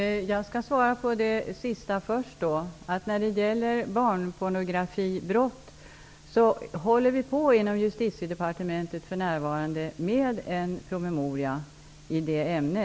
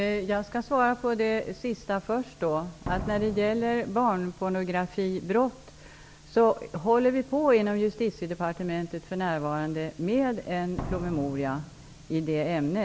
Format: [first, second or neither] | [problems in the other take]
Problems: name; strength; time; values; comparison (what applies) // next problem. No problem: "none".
first | background sound (Slam); 17 dB below the speech